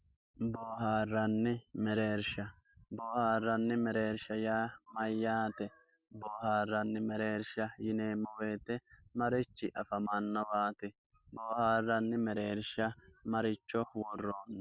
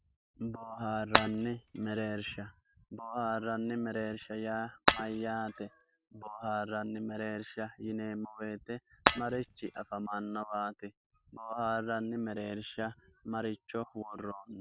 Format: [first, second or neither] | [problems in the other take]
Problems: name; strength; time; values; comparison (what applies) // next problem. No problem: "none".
first | background sound (Shatter); 3 dB above the speech